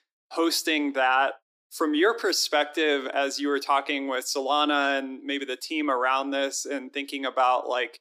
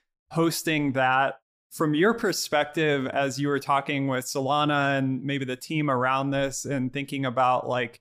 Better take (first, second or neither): second